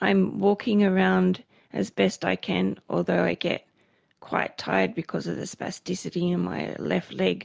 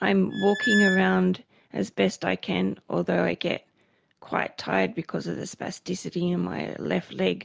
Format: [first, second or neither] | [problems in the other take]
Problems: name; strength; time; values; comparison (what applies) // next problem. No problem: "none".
first | background sound (Squeak); 2 dB below the speech